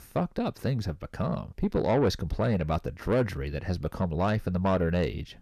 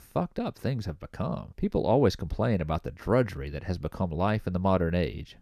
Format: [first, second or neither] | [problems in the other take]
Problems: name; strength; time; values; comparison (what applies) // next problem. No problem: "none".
second | distortion; slight; 10 dB below the speech